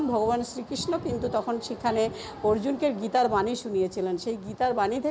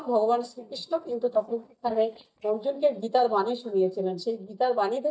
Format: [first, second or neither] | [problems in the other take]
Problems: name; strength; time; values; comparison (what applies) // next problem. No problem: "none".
first | noise reduction (neural mask model DeepFilterNet 3)